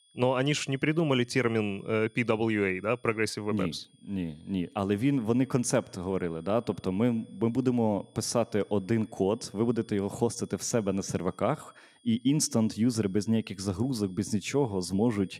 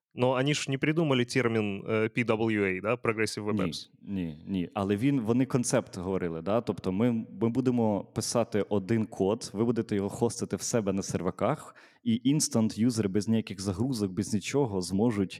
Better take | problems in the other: second | high-pitched whine; faint; throughout; 3.5 kHz, 35 dB below the speech

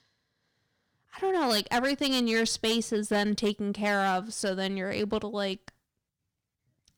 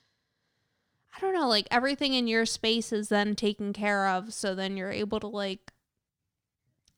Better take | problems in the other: second | distortion; slight; 5% of the sound clipped

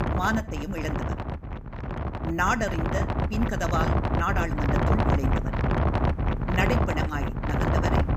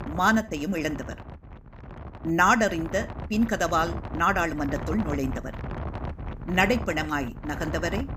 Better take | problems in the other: second | wind noise on the microphone; heavy; 1 dB below the speech; occasional gusts in the second

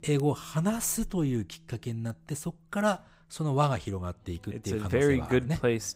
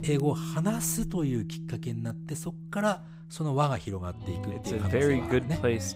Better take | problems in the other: first | background music; loud; throughout; 7 dB below the speech; faint in the first

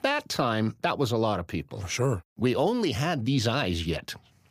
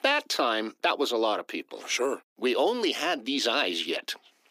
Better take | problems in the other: first | thin; somewhat; fading below 300 Hz

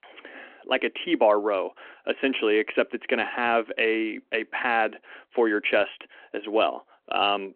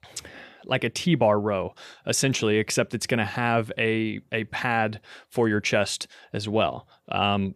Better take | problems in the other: second | phone-call audio

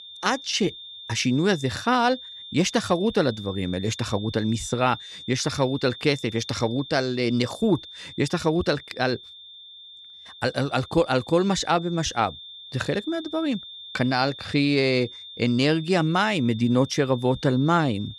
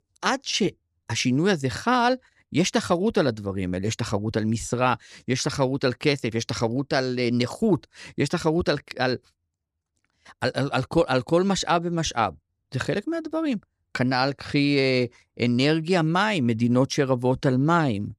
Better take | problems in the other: second | high-pitched whine; noticeable; throughout; 3.5 kHz, 15 dB below the speech

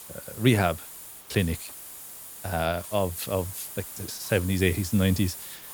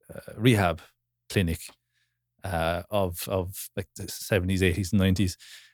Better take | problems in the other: second | hiss; noticeable; throughout; 10 dB below the speech

